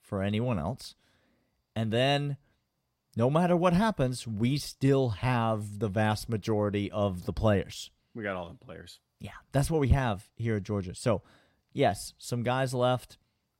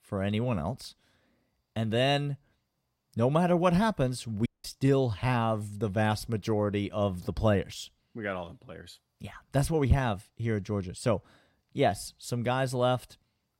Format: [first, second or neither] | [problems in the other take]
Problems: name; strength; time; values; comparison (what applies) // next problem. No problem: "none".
first | audio cutting out; at 4.5 s